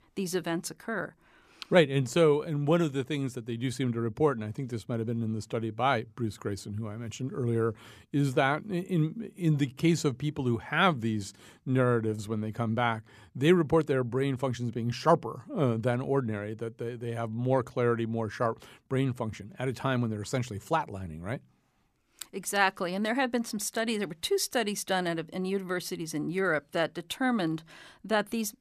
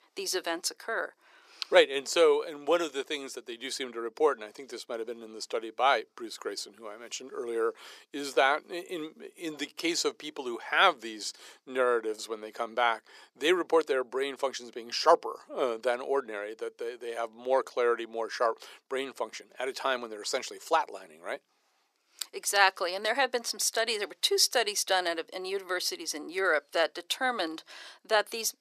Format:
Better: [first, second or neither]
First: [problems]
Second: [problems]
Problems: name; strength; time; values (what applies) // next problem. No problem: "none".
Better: first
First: none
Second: thin; very; fading below 400 Hz